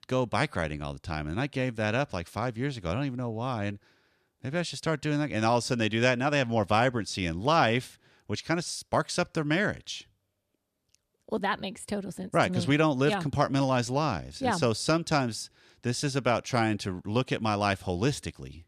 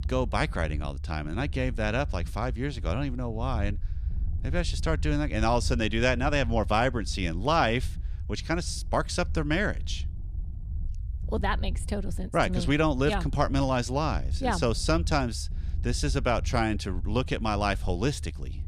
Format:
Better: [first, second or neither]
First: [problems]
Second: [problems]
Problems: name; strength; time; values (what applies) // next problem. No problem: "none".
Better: first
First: none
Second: low rumble; faint; throughout; 25 dB below the speech